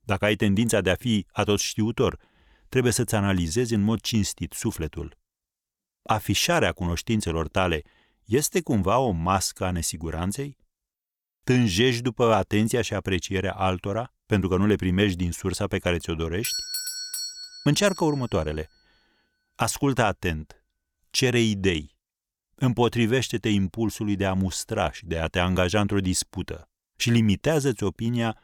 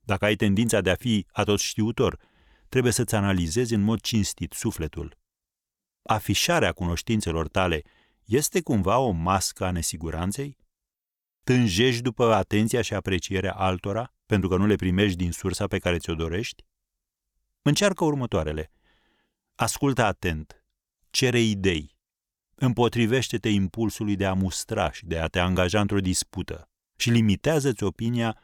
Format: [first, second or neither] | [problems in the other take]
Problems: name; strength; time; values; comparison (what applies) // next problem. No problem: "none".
second | doorbell; noticeable; from 16 to 18 s; peak 3 dB below the speech